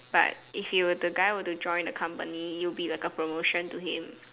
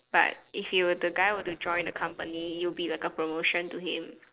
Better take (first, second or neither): first